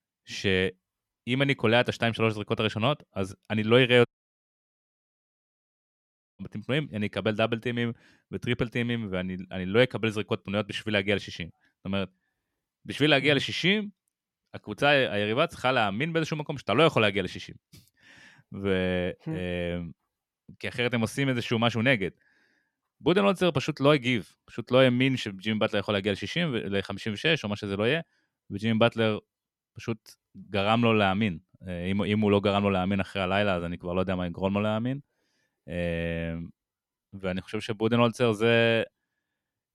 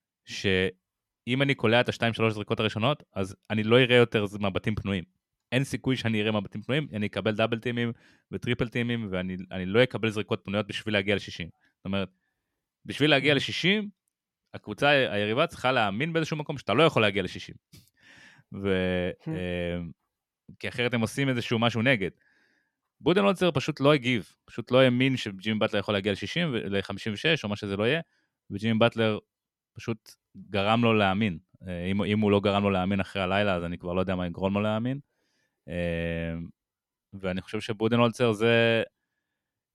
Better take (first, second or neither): second